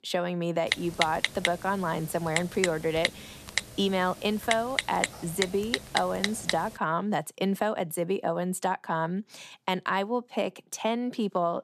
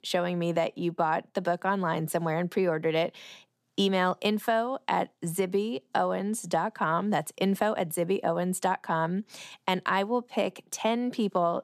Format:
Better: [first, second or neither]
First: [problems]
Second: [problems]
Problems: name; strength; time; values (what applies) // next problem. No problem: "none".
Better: second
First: keyboard typing; loud; from 0.5 to 6.5 s; peak 2 dB above the speech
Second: none